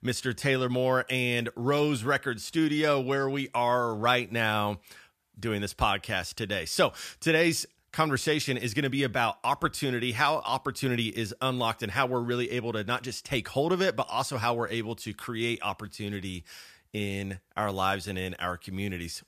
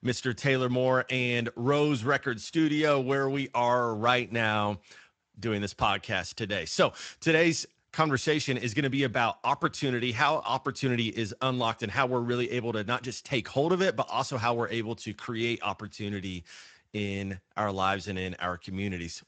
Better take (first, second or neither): first